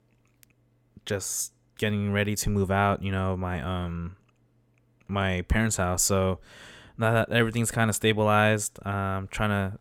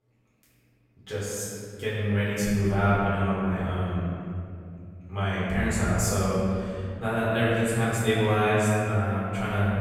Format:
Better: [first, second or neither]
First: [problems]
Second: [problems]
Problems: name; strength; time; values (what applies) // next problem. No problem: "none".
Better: first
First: none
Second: off-mic speech; far // room echo; strong; dies away in 2.5 s